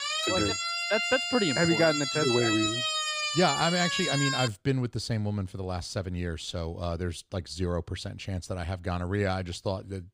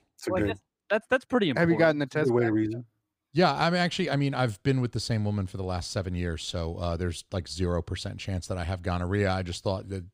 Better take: second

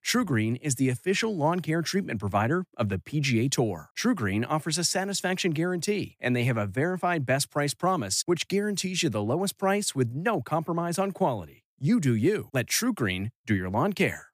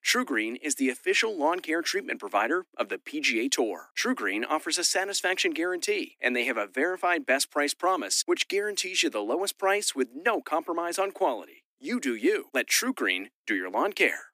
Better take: first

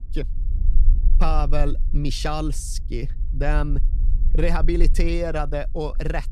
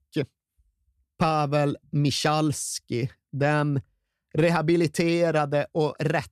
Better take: second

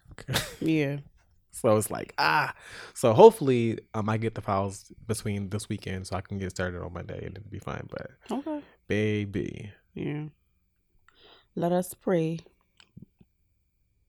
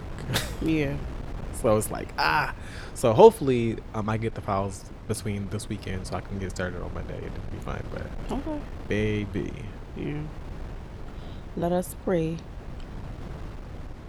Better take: first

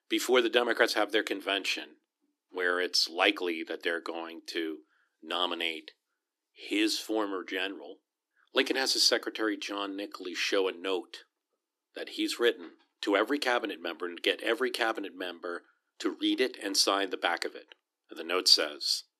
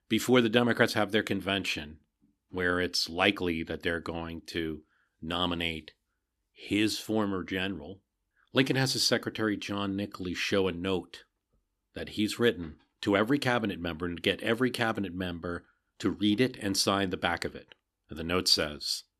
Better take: second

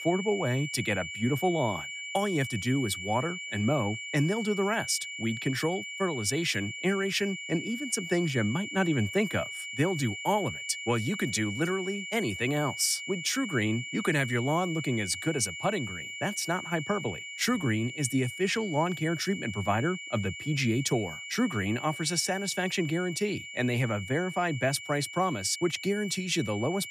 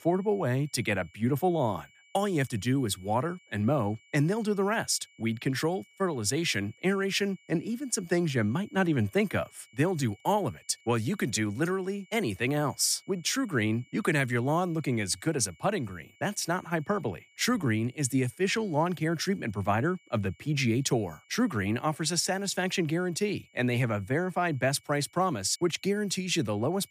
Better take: second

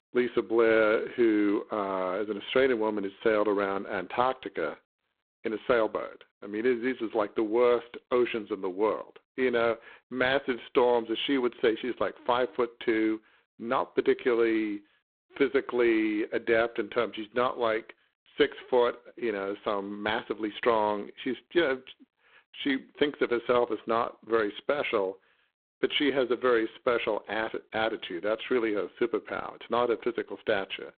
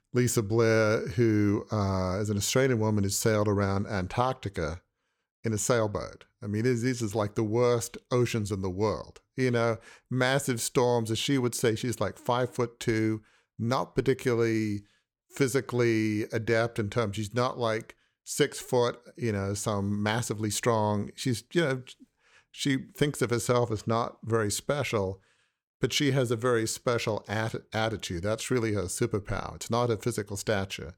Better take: second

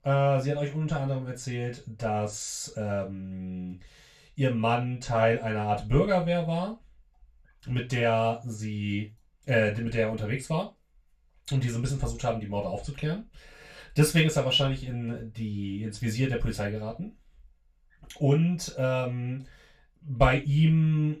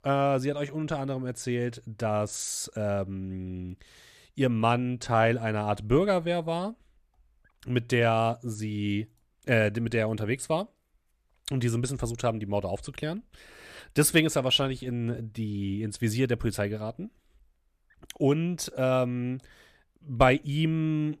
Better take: second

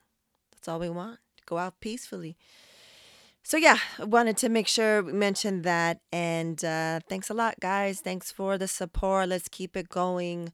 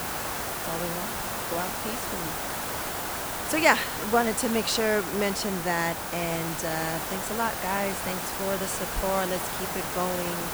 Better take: first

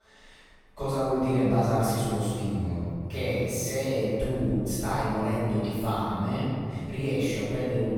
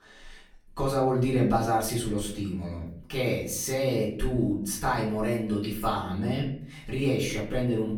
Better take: second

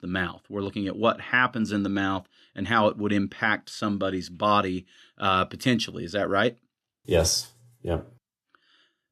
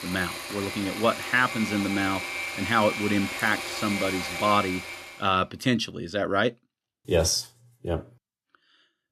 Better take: first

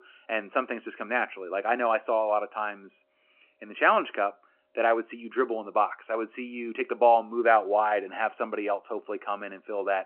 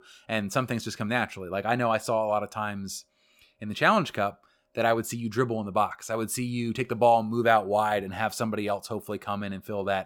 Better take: second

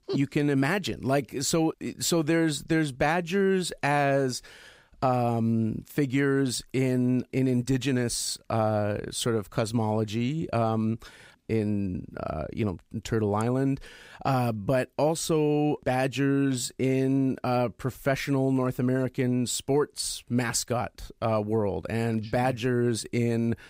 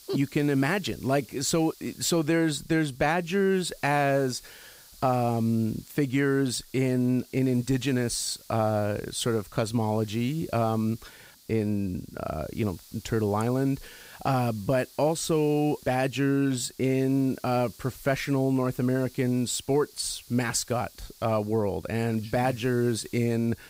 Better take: first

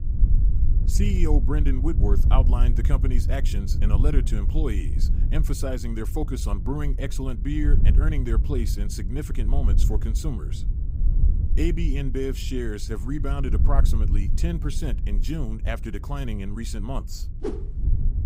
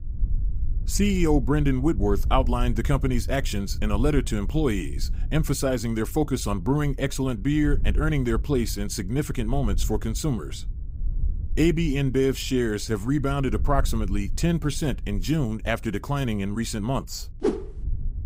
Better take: second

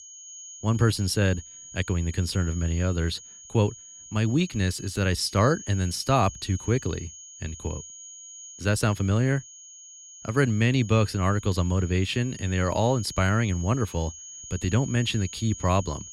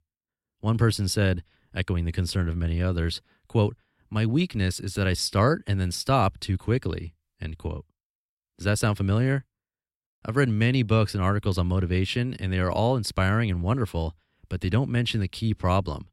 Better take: second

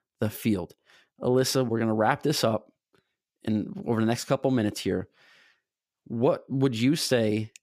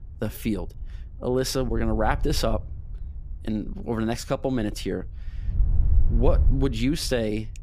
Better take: first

